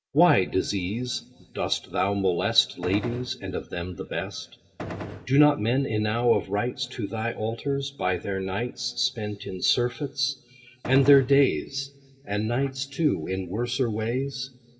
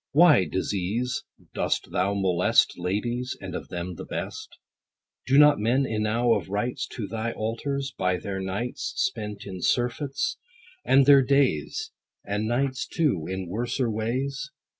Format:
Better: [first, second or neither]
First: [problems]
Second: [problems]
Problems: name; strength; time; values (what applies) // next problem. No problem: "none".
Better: second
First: background sound (Gunshot, gunfire); 8 dB below the speech // room echo; dies away in 0.3 s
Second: none